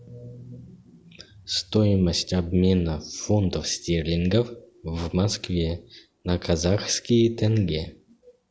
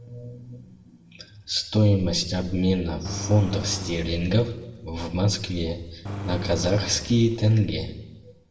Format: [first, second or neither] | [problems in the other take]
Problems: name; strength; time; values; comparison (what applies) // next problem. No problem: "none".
first | background sound (Engine); 10 dB below the speech // room echo; dies away in 0.8 s